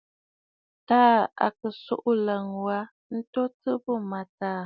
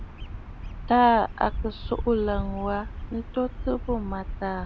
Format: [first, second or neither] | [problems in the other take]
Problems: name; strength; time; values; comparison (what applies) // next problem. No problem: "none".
first | background sound (Bird vocalization, bird call, bird song); 7 dB below the speech